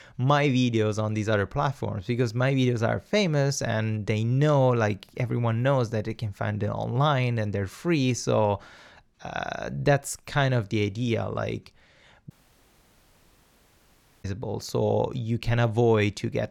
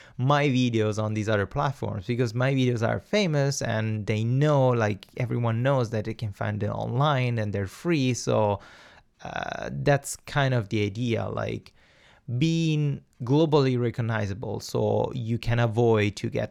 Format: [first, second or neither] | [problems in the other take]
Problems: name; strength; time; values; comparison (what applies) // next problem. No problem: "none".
second | audio cutting out; at 12 s for 2 s